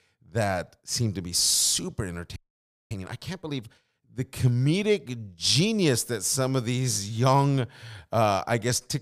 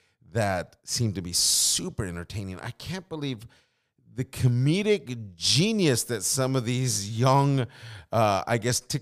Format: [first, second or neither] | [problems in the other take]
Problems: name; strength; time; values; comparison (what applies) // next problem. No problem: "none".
second | audio freezing; at 2.5 s for 0.5 s